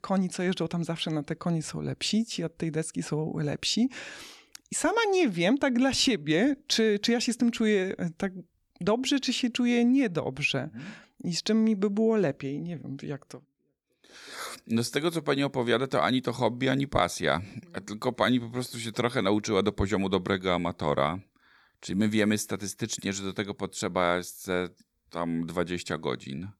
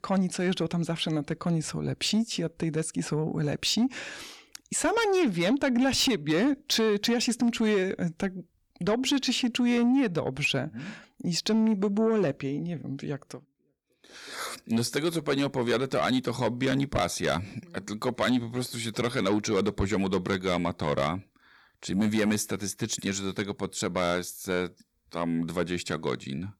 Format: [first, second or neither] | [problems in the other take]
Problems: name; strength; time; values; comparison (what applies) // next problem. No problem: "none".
first | distortion; slight; 10 dB below the speech